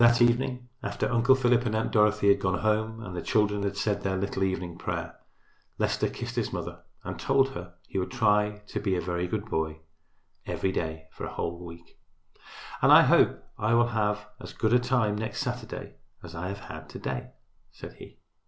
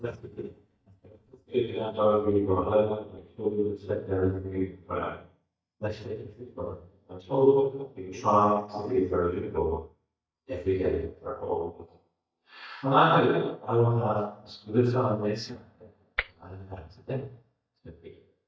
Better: first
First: none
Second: noise reduction (neural mask model DeepFilterNet 3)

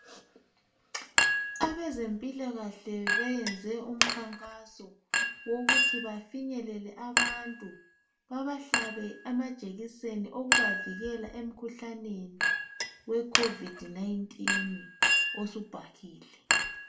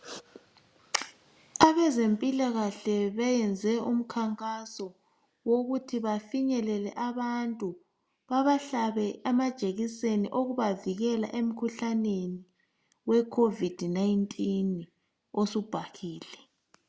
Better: second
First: background sound (Chink, clink); 4 dB above the speech // room echo; dies away in 0.3 s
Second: none

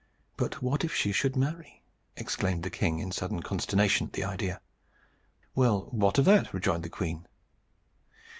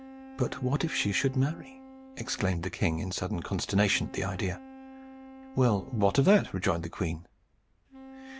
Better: first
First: none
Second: background sound (Wind instrument, woodwind instrument); 18 dB below the speech

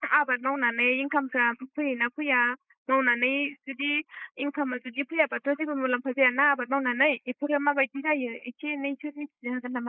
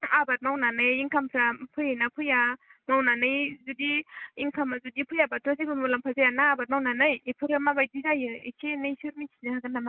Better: second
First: noise reduction (neural mask model Resemble Enhance denoiser)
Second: none

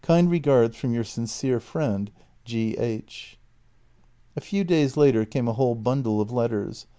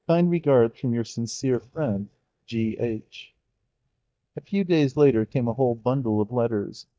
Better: first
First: none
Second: noise reduction (neural mask model DeepFilterNet 3)

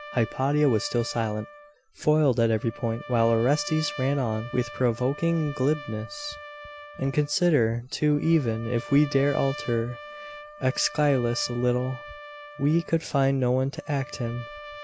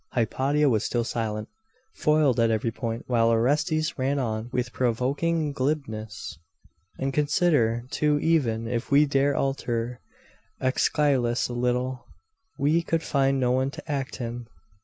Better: second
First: background sound (Trumpet); 16 dB below the speech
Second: none

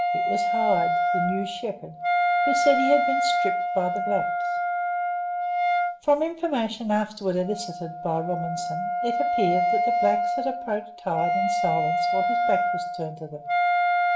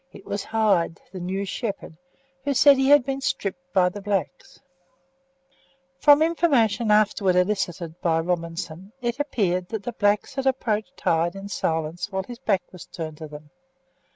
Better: second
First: background sound (Wind instrument, woodwind instrument); 4 dB above the speech // room echo; dies away in 0.4 s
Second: none

